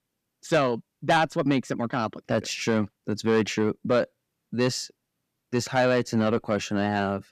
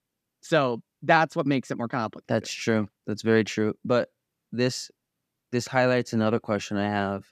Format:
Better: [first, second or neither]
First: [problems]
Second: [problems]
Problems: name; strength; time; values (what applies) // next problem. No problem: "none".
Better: second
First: distortion; slight; 10 dB below the speech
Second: none